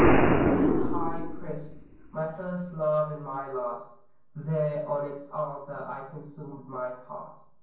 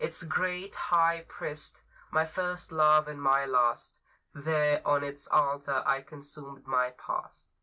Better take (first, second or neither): second